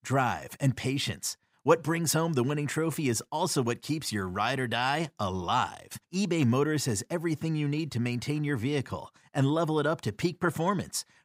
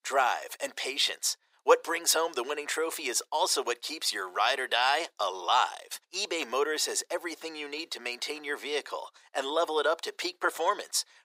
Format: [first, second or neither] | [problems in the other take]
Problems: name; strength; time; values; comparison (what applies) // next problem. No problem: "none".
first | thin; very; fading below 450 Hz